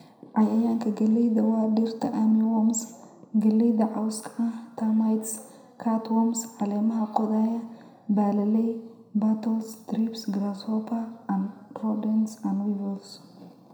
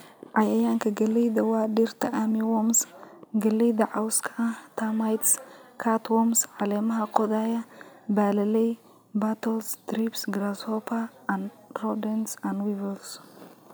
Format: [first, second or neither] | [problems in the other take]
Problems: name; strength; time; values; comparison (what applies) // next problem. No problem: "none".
second | room echo; dies away in 0.8 s